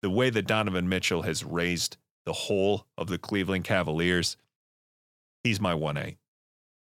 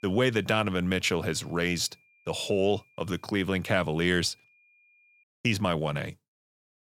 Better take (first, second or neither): first